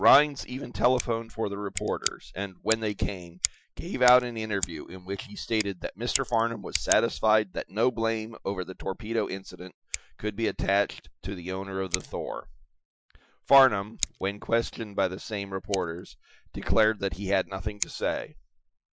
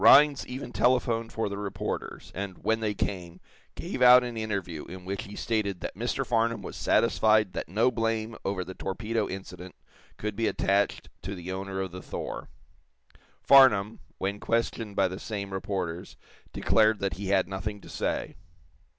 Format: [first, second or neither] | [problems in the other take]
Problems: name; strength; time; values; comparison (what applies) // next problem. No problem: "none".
second | noise reduction (classical method Wiener filter)